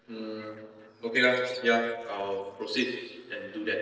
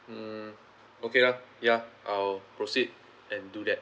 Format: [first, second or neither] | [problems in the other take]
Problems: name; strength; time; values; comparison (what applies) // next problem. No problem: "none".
second | noise reduction (neural separator model SepFormer DNS4)